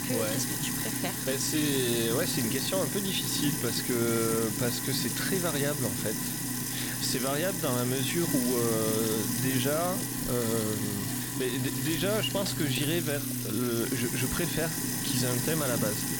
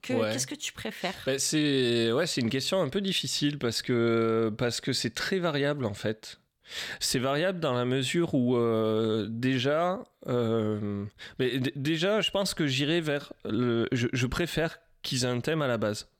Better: second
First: household noises; very loud; throughout; 1 dB above the speech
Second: none

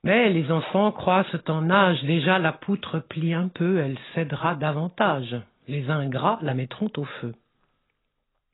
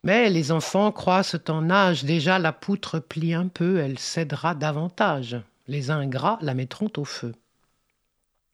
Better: second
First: garbled, watery; badly; nothing above 4 kHz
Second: none

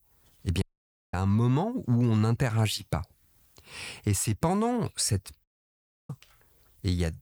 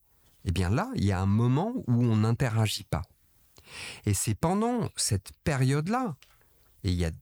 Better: second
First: audio cutting out; at 0.5 s for 0.5 s and at 5.5 s for 0.5 s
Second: none

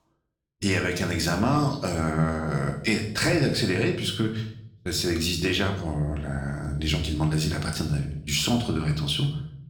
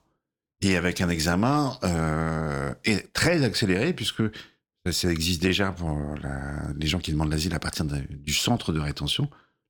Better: second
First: room echo; slight; dies away in 0.6 s // off-mic speech; somewhat distant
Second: none

